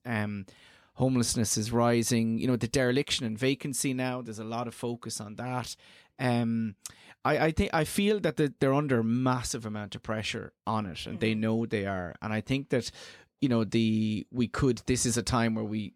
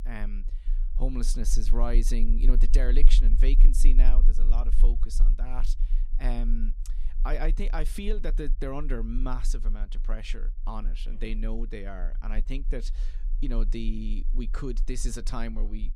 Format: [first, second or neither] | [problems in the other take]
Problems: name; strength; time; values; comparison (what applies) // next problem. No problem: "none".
first | low rumble; noticeable; throughout; 15 dB below the speech